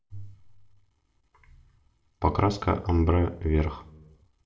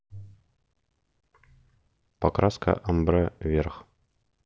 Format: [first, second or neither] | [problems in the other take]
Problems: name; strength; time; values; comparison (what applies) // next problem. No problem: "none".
second | room echo; dies away in 0.5 s